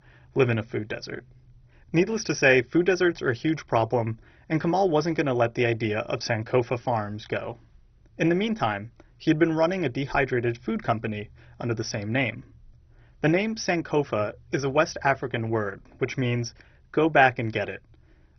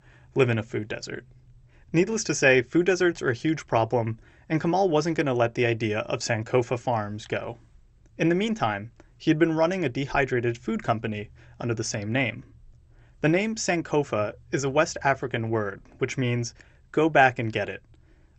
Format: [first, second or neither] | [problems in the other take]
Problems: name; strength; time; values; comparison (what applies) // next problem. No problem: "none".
second | garbled, watery; badly; nothing above 6 kHz; slightly in the second